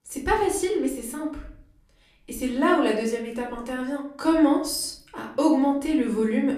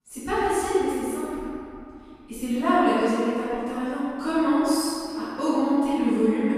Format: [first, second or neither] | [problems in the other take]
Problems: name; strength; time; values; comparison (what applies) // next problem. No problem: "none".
first | room echo; strong; dies away in 2.5 s; slight in the first // off-mic speech; far; far in the first